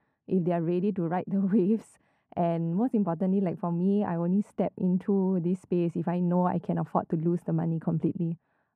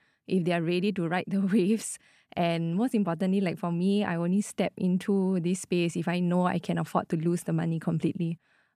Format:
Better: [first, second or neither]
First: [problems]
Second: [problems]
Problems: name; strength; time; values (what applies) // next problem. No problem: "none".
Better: second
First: muffled; very; fading above 2 kHz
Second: none